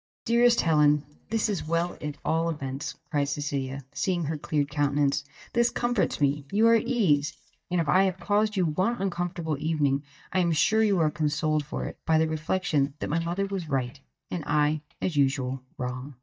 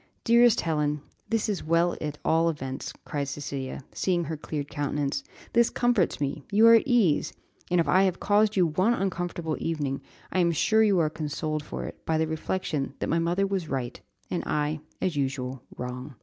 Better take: second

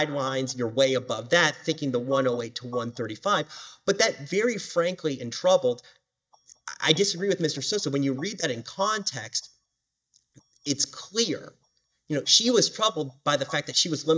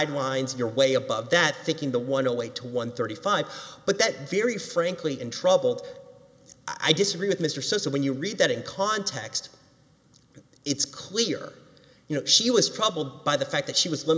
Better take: second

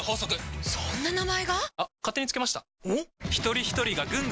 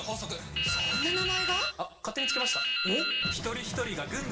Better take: first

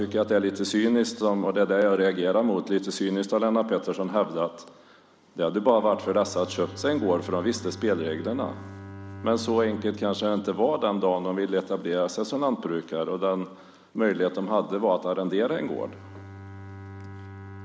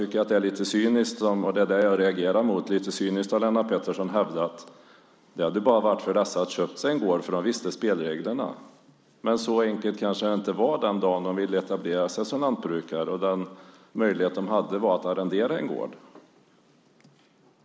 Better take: second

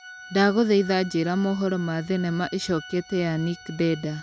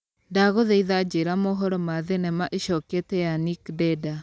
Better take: second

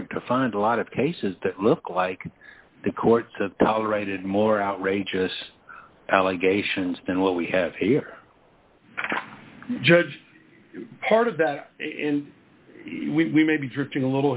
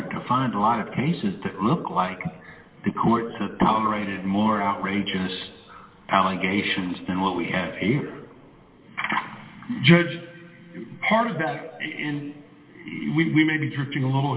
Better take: first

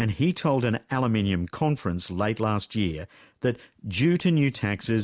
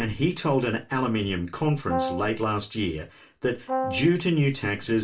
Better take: first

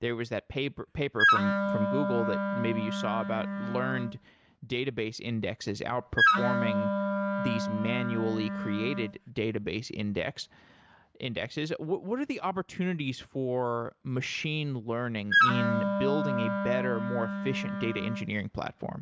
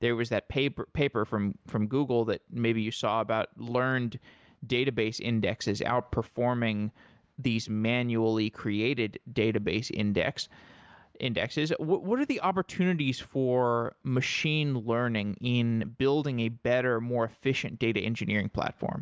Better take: second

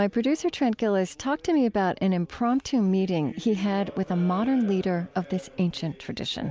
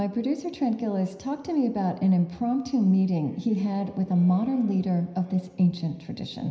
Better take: first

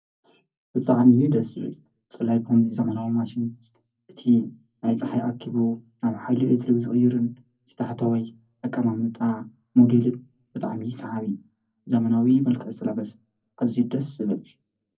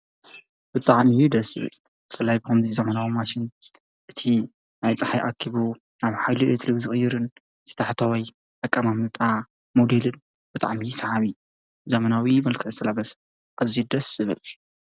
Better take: second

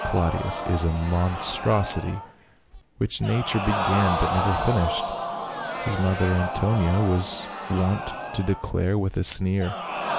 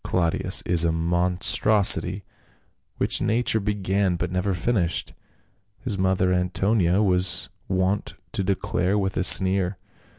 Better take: second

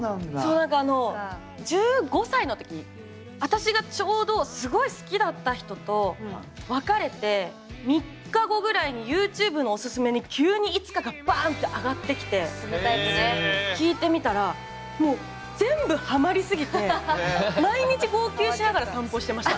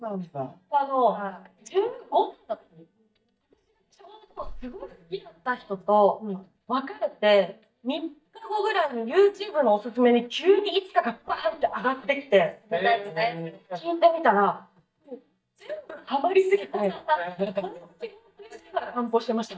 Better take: first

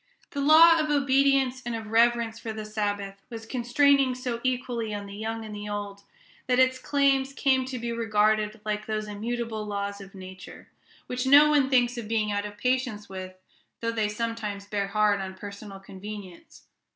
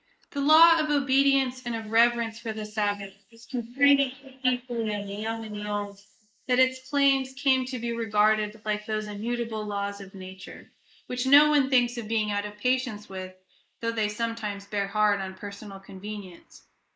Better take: first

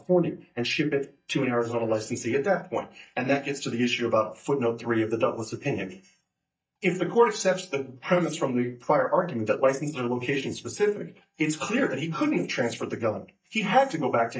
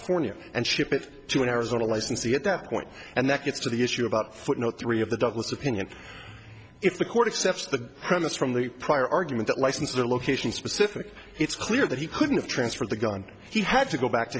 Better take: second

